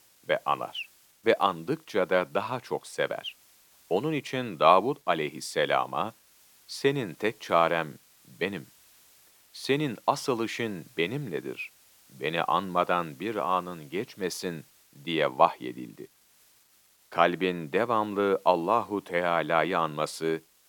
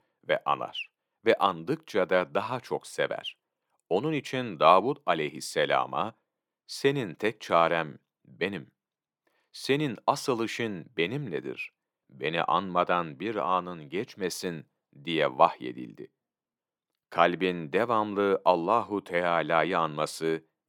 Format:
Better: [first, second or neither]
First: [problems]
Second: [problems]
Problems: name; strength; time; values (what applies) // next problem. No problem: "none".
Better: second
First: hiss; faint; throughout; 30 dB below the speech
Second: none